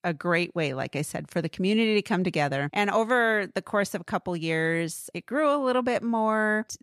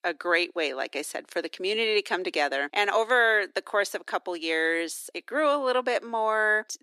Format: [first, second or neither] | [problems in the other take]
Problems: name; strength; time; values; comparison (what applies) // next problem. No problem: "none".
first | thin; very; fading below 300 Hz